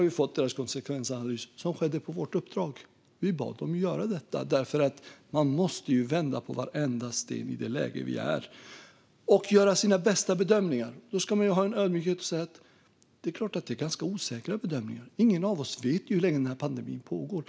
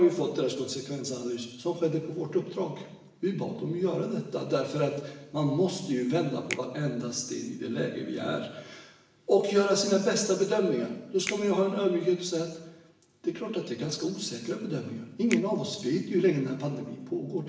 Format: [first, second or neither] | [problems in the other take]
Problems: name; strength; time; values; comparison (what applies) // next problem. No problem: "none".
first | background sound (Finger snapping); 17 dB below the speech // room echo; dies away in 0.9 s